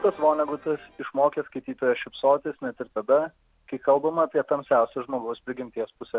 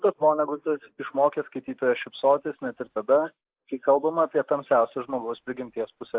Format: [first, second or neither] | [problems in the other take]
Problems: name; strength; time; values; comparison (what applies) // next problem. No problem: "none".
first | noise reduction (neural mask model Resemble Enhance denoiser)